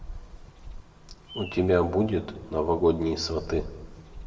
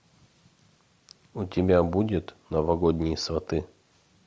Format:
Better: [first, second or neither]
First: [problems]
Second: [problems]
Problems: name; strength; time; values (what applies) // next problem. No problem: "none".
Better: second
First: background sound (Bird vocalization, bird call, bird song); 15 dB below the speech // room echo; dies away in 0.9 s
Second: none